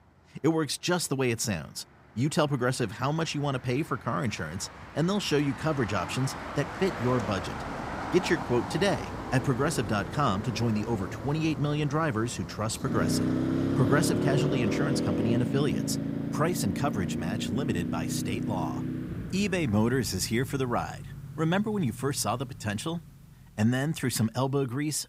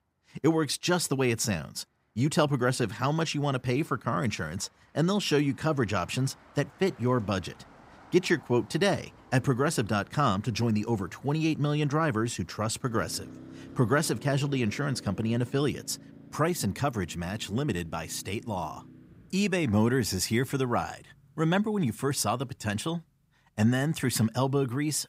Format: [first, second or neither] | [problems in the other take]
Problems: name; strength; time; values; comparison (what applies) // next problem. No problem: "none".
second | traffic noise; loud; throughout; 4 dB below the speech; faint in the second